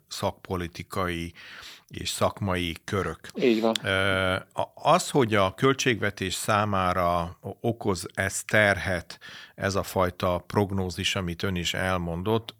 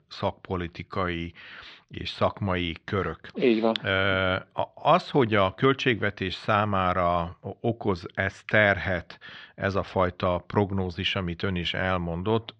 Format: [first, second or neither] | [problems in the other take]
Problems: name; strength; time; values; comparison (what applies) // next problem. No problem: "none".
first | muffled; slightly; fading above 4 kHz